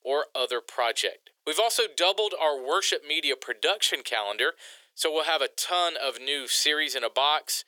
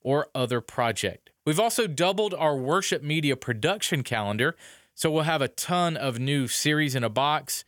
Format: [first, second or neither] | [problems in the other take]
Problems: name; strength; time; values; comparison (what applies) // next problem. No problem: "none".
second | thin; very; fading below 400 Hz